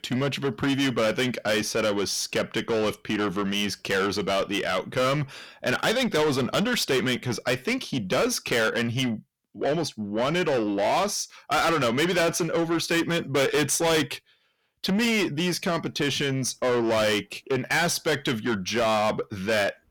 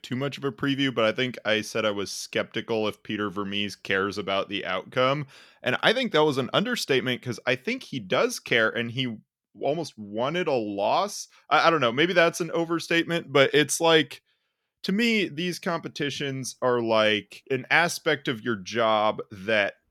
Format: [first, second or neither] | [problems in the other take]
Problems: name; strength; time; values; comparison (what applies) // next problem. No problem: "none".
second | distortion; heavy; 6 dB below the speech